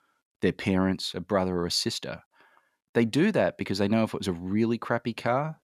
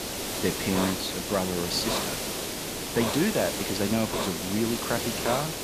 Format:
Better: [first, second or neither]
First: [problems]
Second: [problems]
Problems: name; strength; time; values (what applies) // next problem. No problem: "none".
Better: first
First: none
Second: hiss; loud; throughout; 1 dB below the speech